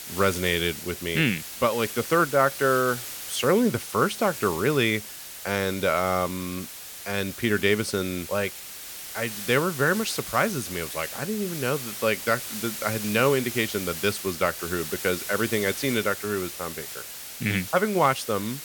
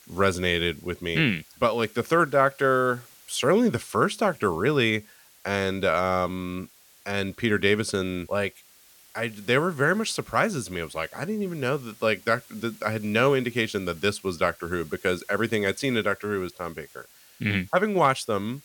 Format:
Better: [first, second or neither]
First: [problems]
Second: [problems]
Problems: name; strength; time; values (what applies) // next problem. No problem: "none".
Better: second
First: hiss; loud; throughout; 9 dB below the speech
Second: hiss; faint; throughout; 25 dB below the speech